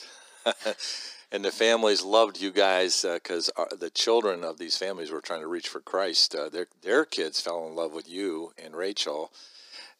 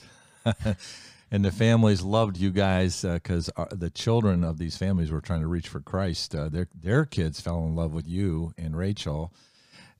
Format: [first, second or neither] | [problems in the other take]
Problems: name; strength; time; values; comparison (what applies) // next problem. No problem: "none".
second | thin; very; fading below 300 Hz